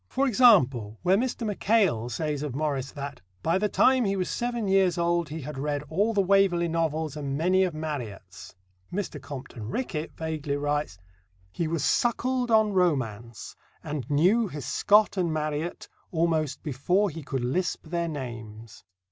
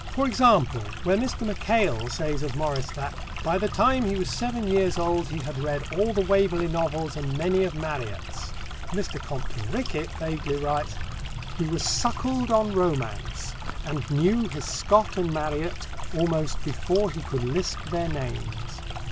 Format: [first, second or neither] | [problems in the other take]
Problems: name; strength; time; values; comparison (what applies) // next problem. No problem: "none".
first | background sound (Stream); 5 dB below the speech